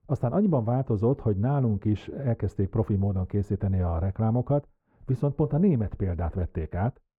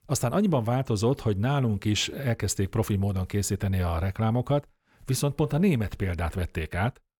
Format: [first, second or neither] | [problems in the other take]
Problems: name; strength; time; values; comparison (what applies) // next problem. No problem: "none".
second | muffled; very; fading above 2 kHz